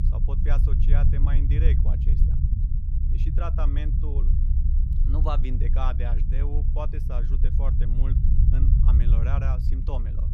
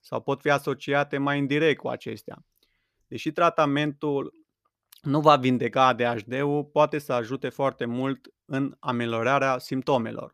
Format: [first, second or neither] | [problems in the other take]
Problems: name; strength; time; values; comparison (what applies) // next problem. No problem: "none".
second | low rumble; loud; throughout; 3 dB below the speech